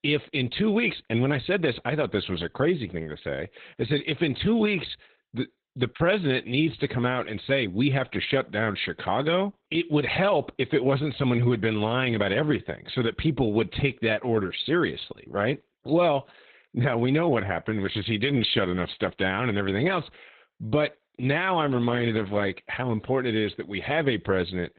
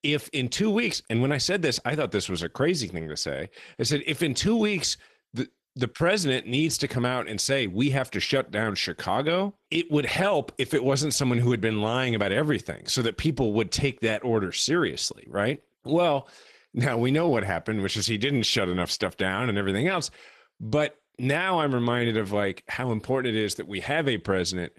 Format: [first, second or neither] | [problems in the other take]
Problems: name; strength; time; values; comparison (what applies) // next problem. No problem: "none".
second | garbled, watery; badly; nothing above 4 kHz; slightly in the second